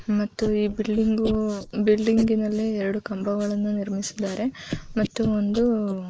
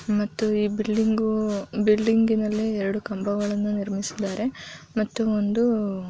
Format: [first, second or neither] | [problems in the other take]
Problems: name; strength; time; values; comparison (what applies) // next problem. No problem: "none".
second | noise reduction (neural mask model Resemble Enhance denoiser)